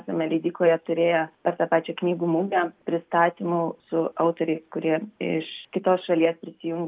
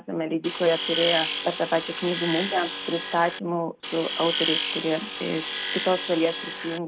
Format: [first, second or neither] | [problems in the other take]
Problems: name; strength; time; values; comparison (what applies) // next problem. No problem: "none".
first | background sound (Tools); 4 dB below the speech